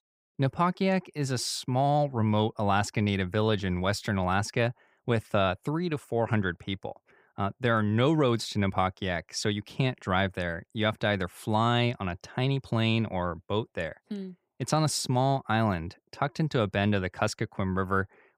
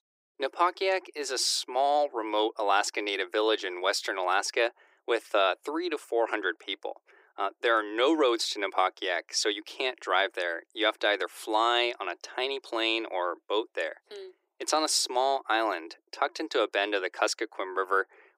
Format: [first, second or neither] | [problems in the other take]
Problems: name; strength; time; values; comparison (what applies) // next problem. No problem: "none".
first | thin; very; fading below 300 Hz